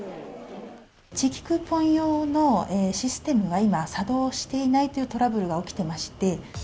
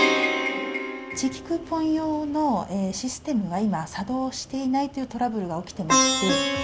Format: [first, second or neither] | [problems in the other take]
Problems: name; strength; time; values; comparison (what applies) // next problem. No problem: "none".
first | background sound (Plucked string instrument); 1 dB below the speech